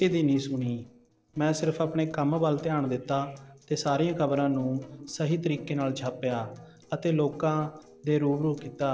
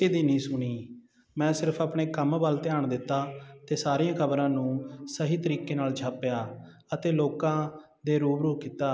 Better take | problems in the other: second | noise reduction (neural separator model SepFormer DNS4)

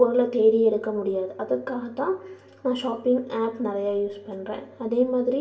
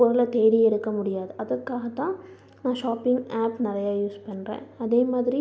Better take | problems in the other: second | room echo; dies away in 0.2 s

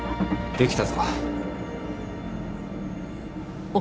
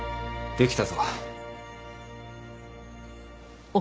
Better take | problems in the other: second | background sound (Motor vehicle (road) / Engine); 1 dB below the speech

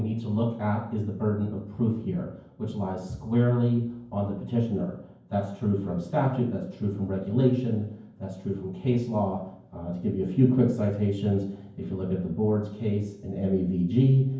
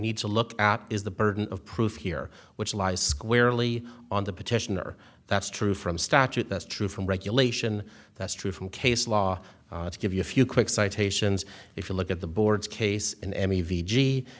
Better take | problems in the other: second | room echo; dies away in 0.9 s

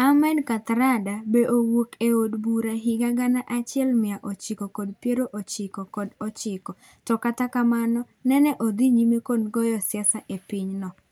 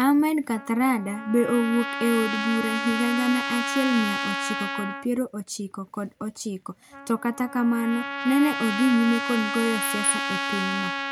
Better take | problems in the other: first | background sound (Trumpet); 6 dB below the speech

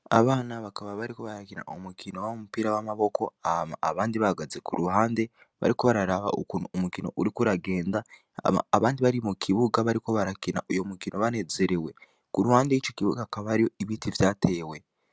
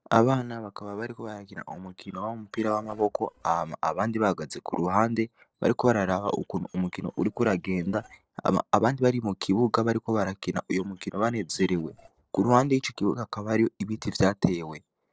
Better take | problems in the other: first | noise reduction (neural separator model SepFormer DNS4)

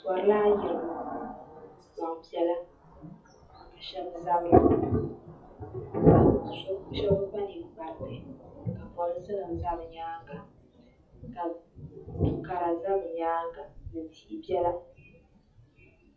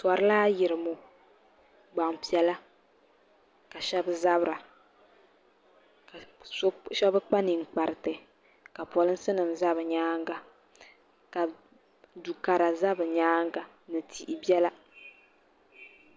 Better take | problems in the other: second | noise reduction (classical method WPE with log-MMSE)

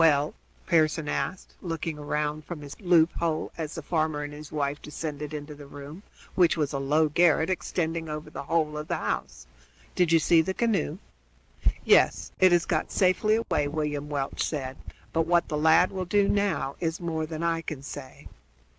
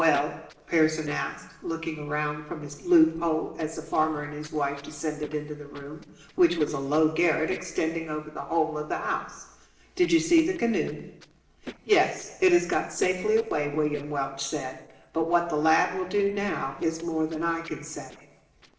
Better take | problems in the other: first | noise reduction (neural separator model SepFormer DNS4)

